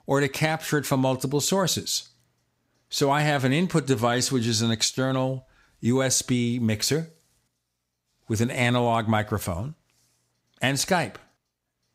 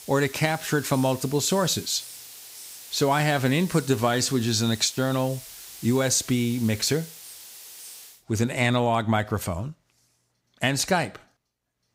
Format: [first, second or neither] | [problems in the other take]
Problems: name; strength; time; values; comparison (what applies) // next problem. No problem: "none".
first | hiss; noticeable; until 8 s; 15 dB below the speech